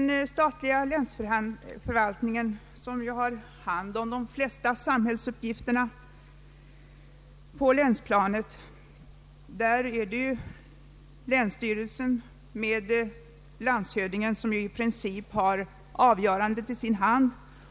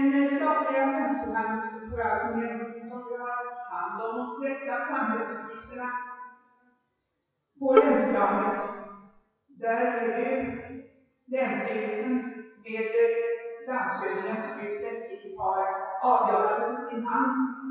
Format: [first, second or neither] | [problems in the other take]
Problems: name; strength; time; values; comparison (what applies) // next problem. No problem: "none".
first | noise reduction (classical method WPE with log-MMSE)